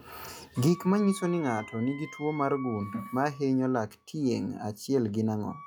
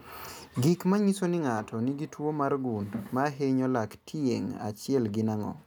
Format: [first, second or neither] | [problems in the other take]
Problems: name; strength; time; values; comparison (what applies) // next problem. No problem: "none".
second | noise reduction (classical method log-MMSE)